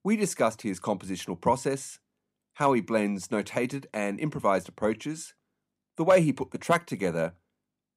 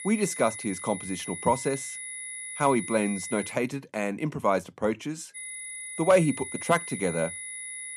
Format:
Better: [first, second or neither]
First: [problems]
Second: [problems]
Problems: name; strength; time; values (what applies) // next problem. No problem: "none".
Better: first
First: none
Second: high-pitched whine; loud; until 3.5 s and from 5.5 s on; 10 kHz, 8 dB below the speech